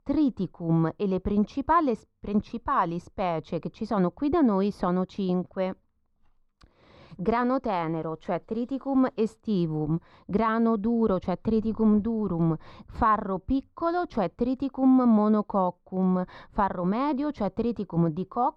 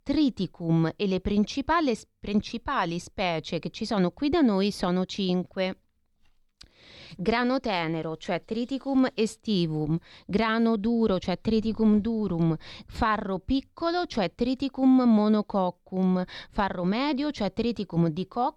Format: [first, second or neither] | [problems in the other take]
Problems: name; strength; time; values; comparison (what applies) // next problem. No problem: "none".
second | muffled; very; fading above 2 kHz